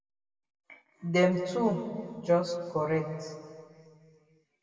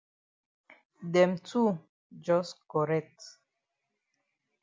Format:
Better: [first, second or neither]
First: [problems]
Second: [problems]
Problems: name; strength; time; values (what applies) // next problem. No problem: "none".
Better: second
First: room echo; dies away in 2.3 s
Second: none